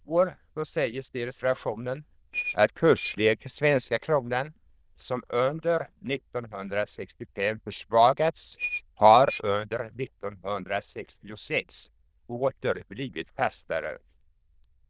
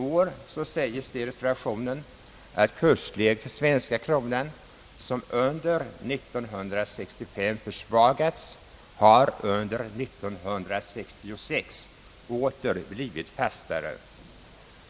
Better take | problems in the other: second | noise reduction (neural diffusion model UNIVERSE++)

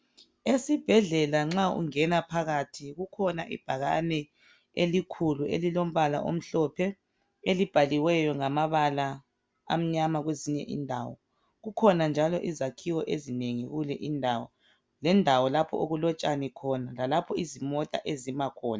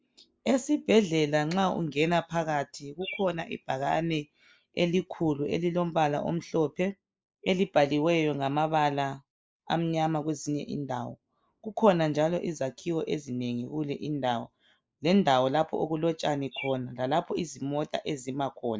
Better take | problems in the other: first | noise reduction (neural mask model Resemble Enhance denoiser)

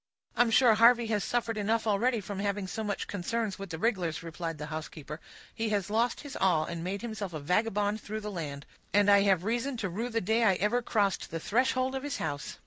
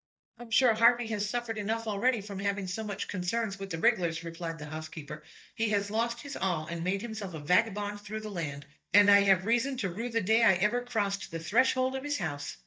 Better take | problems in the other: first | noise reduction (neural mask model DeepFilterNet 3)

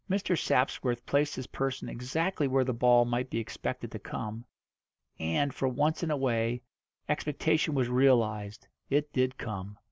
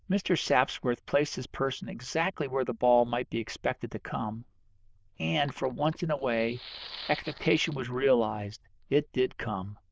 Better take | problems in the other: first | noise reduction (neural diffusion model UNIVERSE++)

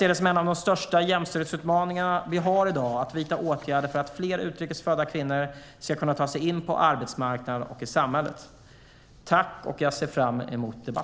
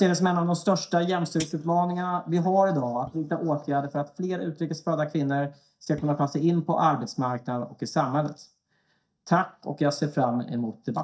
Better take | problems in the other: first | noise reduction (neural mask model DeepFilterNet 3)

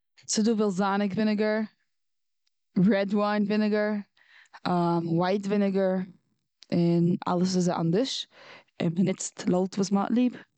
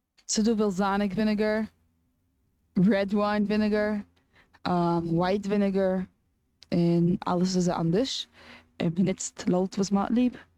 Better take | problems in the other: first | noise reduction (neural mask model RNNoise)

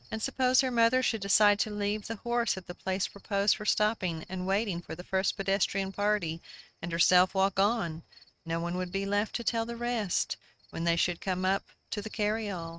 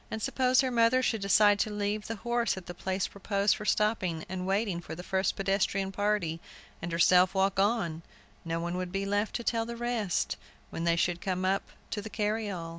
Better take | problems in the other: second | noise reduction (neural mask model RNNoise)

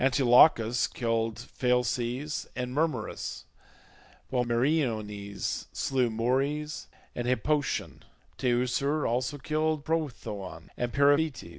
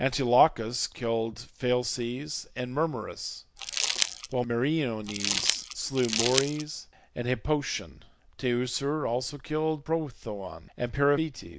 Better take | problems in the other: first | background sound (Crumpling, crinkling); 2 dB below the speech

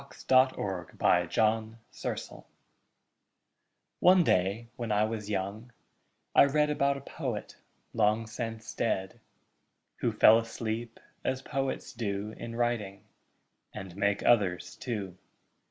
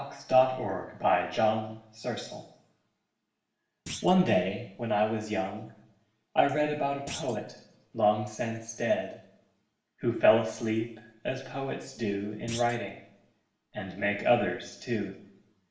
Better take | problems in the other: first | background sound (Thump, thud); 16 dB below the speech // room echo; dies away in 0.7 s

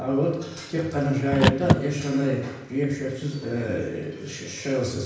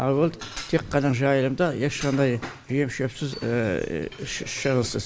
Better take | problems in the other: second | background sound (Car); 1 dB below the speech // room echo; dies away in 0.9 s

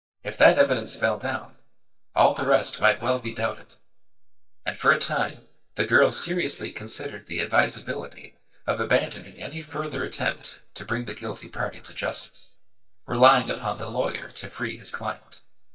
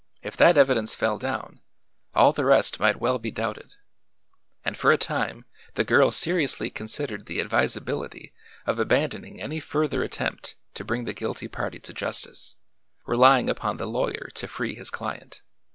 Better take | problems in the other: second | noise reduction (neural mask model DeepFilterNet 3)

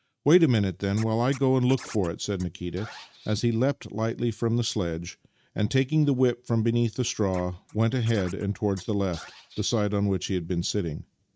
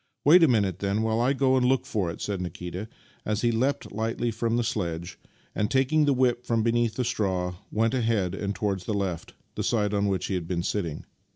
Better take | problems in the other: second | noise reduction (neural mask model RNNoise)

